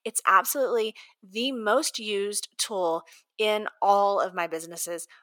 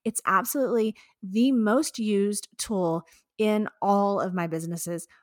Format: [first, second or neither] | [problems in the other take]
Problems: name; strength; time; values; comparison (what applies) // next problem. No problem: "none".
second | thin; very; fading below 600 Hz